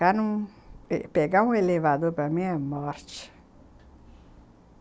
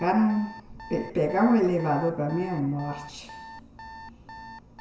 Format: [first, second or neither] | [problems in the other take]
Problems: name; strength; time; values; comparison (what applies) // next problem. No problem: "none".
first | background sound (Alarm); 18 dB below the speech // room echo; dies away in 0.9 s